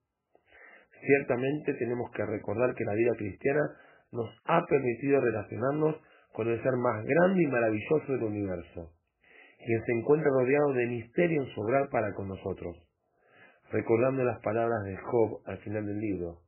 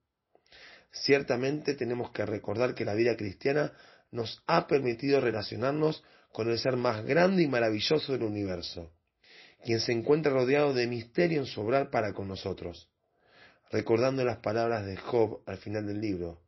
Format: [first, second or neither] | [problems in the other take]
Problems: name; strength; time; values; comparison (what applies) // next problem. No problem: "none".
second | garbled, watery; badly; nothing above 2.5 kHz; slightly in the second